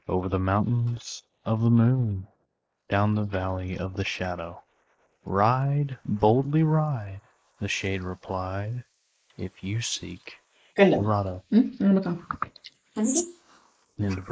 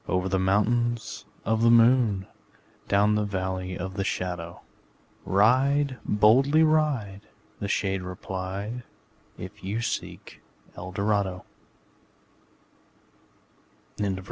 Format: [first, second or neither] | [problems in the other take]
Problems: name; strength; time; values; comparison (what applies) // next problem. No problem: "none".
second | noise reduction (neural mask model Resemble Enhance denoiser)